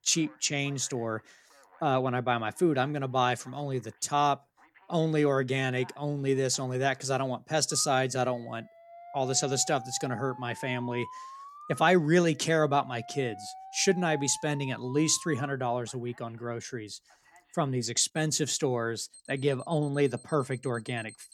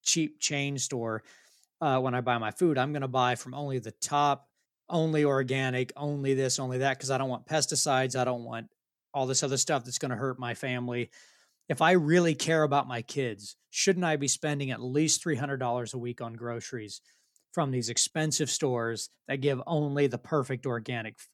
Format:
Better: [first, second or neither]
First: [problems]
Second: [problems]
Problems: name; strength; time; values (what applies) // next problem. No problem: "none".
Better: second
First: alarms or sirens; noticeable; throughout; 20 dB below the speech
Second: none